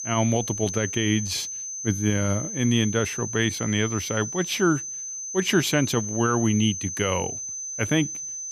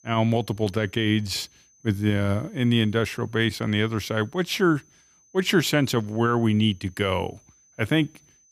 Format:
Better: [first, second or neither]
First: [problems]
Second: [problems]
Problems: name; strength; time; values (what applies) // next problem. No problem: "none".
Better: second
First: high-pitched whine; loud; throughout; 6 kHz, 6 dB below the speech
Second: high-pitched whine; faint; throughout; 6 kHz, 30 dB below the speech